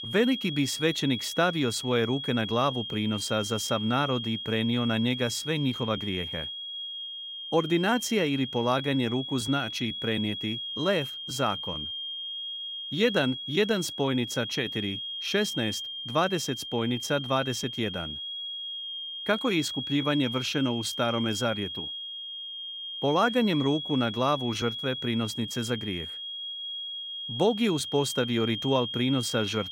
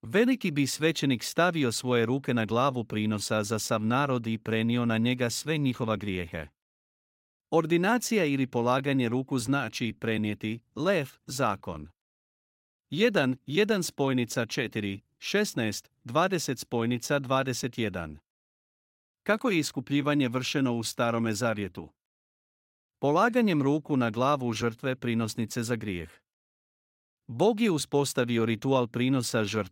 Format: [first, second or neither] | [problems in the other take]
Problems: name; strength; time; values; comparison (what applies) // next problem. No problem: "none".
second | high-pitched whine; loud; throughout; 3 kHz, 6 dB below the speech